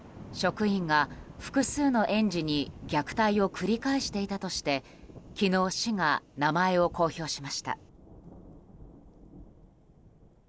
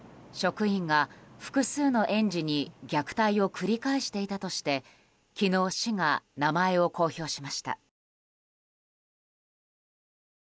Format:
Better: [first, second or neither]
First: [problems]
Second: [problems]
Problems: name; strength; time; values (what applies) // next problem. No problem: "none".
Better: second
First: background sound (Thunder / Rain); 18 dB below the speech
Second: none